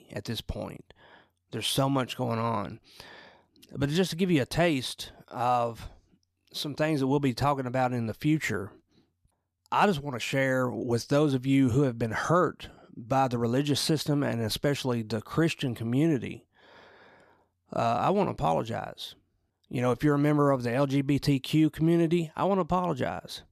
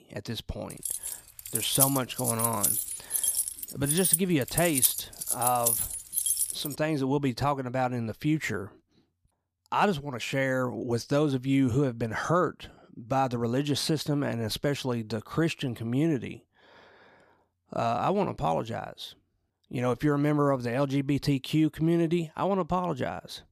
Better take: first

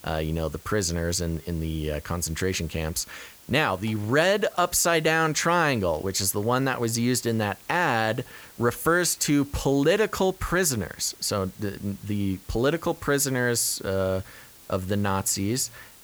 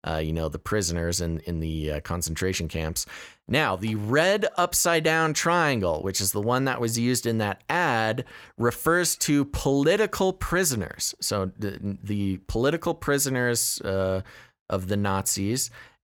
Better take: second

